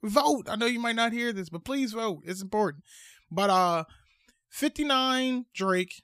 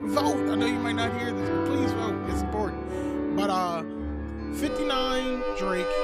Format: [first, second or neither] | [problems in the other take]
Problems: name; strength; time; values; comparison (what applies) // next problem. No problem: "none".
first | background music; very loud; throughout; 2 dB above the speech